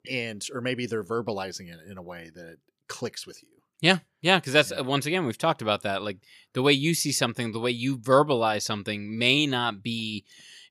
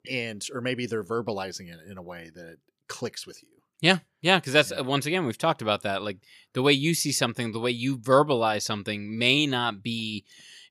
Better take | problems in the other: neither | none

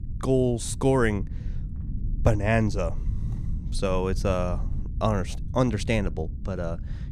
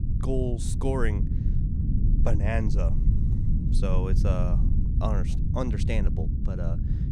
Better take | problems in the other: first | low rumble; loud; throughout; 6 dB below the speech; faint in the first

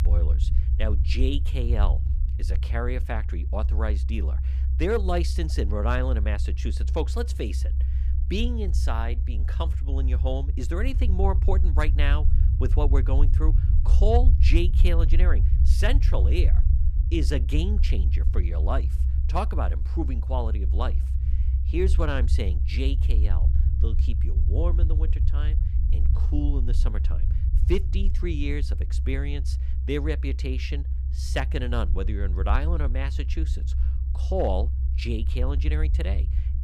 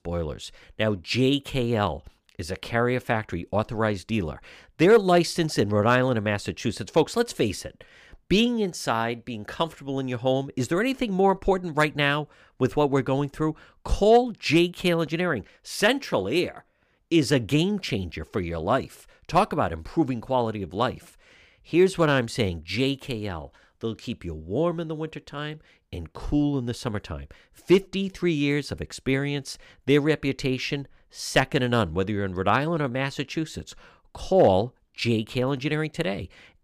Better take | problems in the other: second | low rumble; noticeable; throughout; 10 dB below the speech

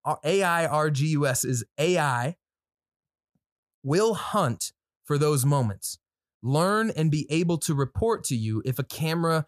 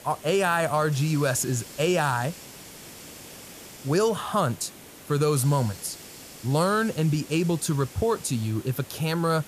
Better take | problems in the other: first | hiss; noticeable; throughout; 15 dB below the speech

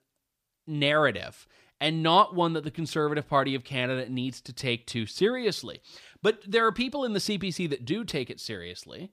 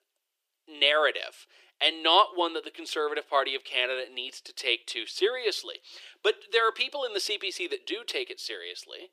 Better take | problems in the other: first | thin; very; fading below 350 Hz

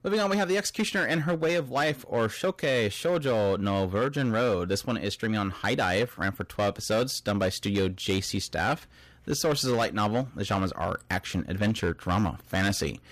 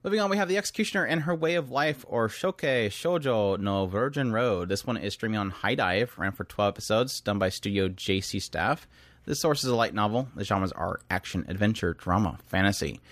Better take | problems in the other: second | distortion; slight; 9% of the sound clipped

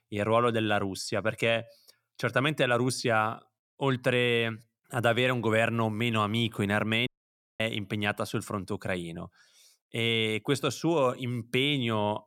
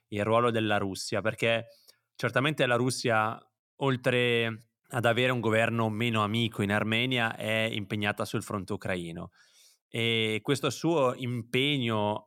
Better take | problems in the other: second | audio cutting out; at 7 s for 0.5 s

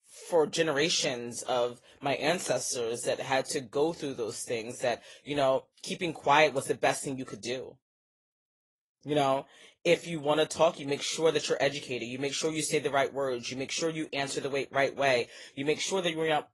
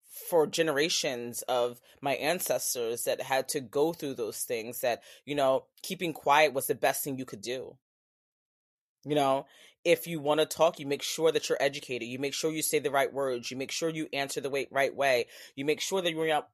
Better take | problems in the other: second | garbled, watery; slightly; nothing above 11.5 kHz

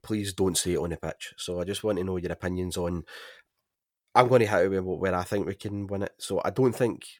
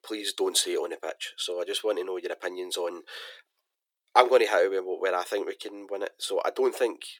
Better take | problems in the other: first | thin; very; fading below 350 Hz

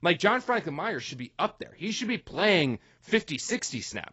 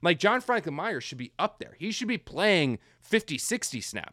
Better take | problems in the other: second | garbled, watery; badly; nothing above 7.5 kHz

